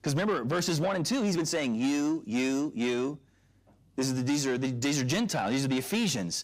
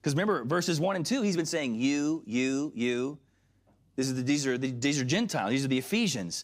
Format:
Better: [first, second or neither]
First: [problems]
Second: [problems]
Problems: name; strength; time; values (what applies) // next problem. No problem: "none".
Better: second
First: distortion; slight; 10 dB below the speech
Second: none